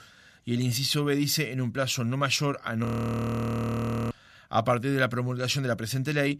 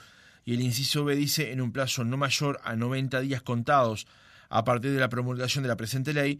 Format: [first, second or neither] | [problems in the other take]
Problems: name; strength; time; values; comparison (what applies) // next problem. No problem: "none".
second | audio freezing; at 3 s for 1.5 s